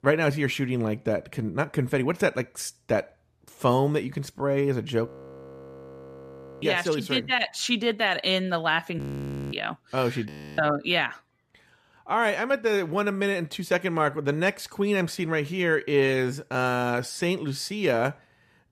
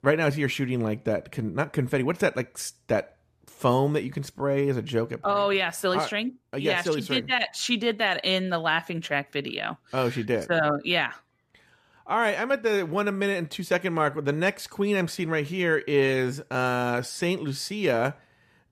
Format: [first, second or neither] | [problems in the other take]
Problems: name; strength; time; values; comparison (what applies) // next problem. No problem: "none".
second | audio freezing; at 5 s for 1.5 s, at 9 s for 0.5 s and at 10 s